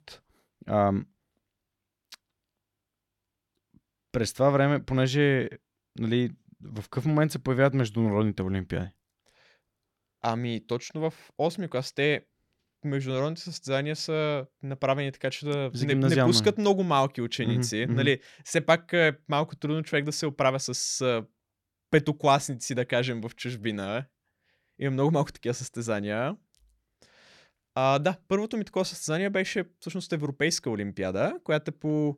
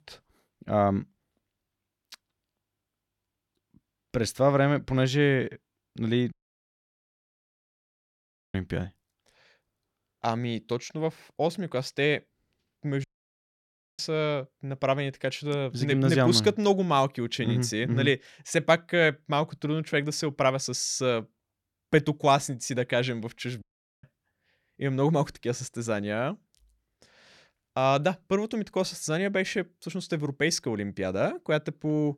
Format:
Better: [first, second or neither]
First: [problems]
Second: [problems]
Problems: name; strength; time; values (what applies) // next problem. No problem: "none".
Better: first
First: none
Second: audio cutting out; at 6.5 s for 2 s, at 13 s for 1 s and at 24 s